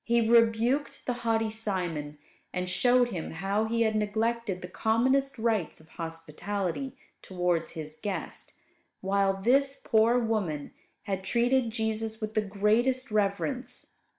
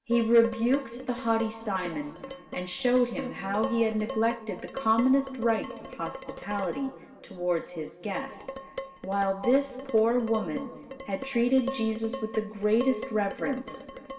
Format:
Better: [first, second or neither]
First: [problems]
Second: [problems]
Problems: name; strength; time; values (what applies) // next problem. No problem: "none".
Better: first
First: none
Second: background sound (Dishes, pots, and pans); 13 dB below the speech // room echo; dies away in 2.4 s